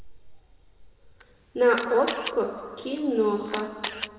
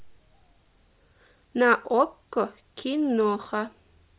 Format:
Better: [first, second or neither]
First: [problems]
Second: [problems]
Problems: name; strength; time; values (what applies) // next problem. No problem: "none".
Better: second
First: background sound (Camera); 10 dB below the speech // room echo; dies away in 2 s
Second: none